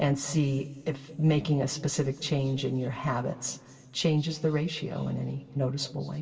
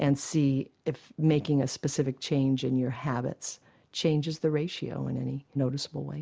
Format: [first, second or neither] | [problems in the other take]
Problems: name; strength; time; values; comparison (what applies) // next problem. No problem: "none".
second | room echo; dies away in 2.1 s